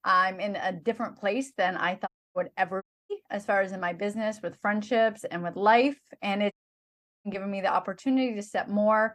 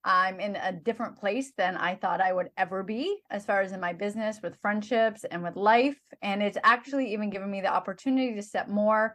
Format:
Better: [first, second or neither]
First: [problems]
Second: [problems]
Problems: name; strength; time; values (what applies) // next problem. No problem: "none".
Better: second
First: audio cutting out; at 2 s, at 3 s and at 6.5 s for 0.5 s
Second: none